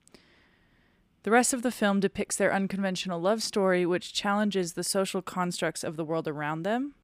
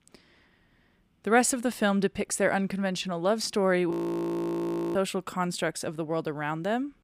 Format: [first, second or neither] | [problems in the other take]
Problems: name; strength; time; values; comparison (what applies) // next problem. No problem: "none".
first | audio freezing; at 4 s for 1 s